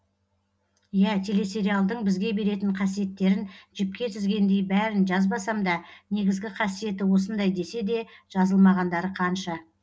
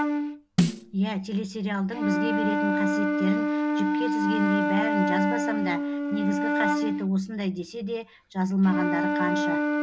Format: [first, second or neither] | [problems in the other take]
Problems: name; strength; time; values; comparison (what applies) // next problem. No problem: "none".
first | background sound (Snare drum + Wind instrument, woodwind instrument); 2 dB above the speech